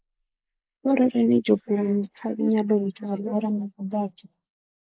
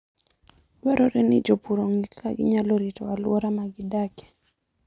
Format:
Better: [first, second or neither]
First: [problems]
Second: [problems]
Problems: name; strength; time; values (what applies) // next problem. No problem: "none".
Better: second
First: noise reduction (neural mask model Resemble Enhance denoiser)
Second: none